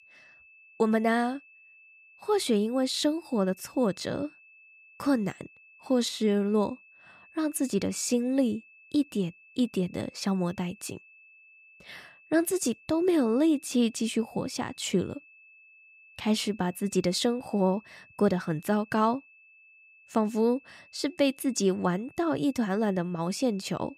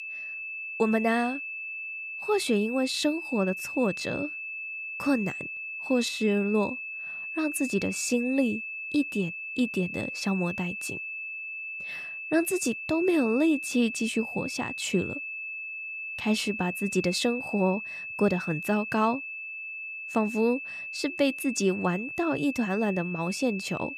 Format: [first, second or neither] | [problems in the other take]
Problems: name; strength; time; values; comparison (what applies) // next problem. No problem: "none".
first | high-pitched whine; loud; throughout; 2.5 kHz, 6 dB below the speech; faint in the first